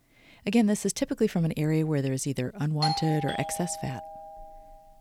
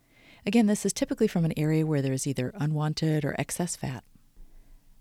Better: second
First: doorbell; noticeable; from 3 to 4 s; peak 1 dB below the speech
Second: none

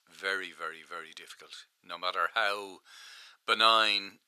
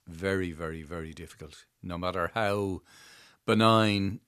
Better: second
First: thin; very; fading below 650 Hz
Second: none

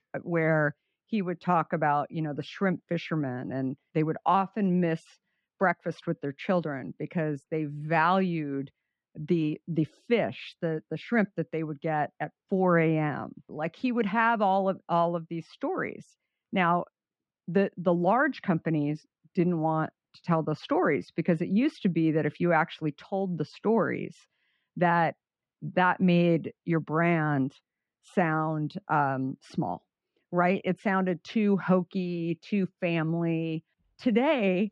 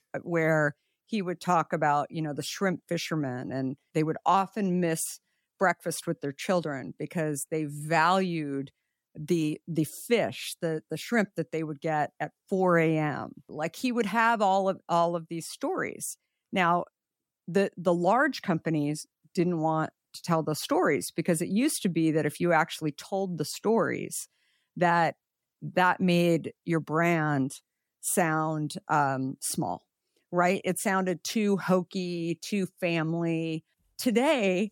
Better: second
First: muffled; slightly; fading above 3 kHz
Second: none

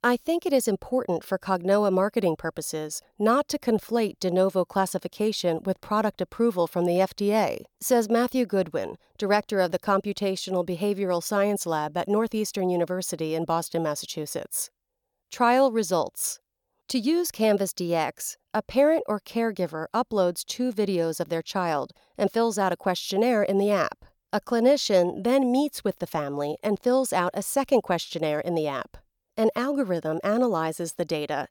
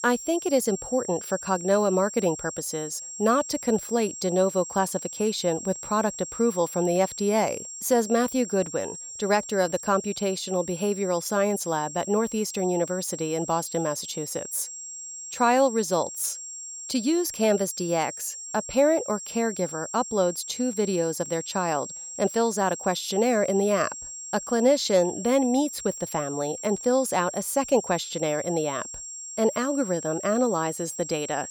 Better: first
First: none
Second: high-pitched whine; loud; throughout; 7.5 kHz, 10 dB below the speech

